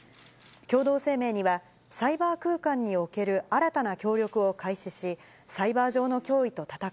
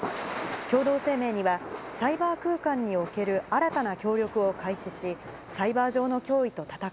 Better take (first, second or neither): first